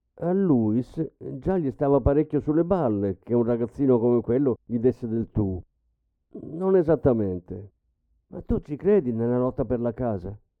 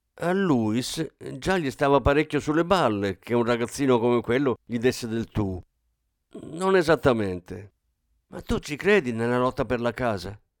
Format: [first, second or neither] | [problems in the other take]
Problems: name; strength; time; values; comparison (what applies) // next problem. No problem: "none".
second | muffled; very; fading above 1.5 kHz